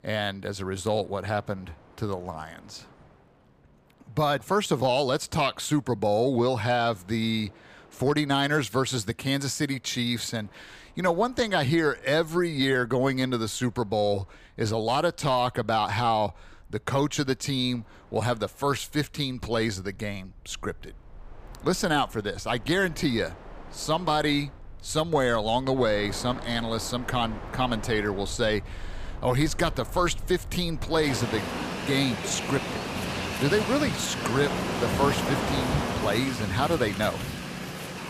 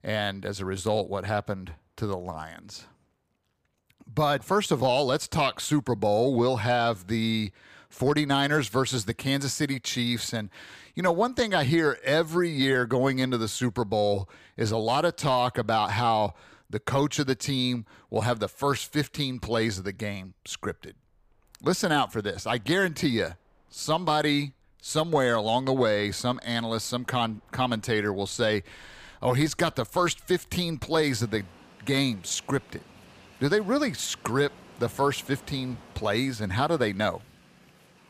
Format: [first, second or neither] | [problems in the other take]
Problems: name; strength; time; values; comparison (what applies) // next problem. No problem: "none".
second | train or aircraft noise; loud; throughout; 6 dB below the speech; faint in the second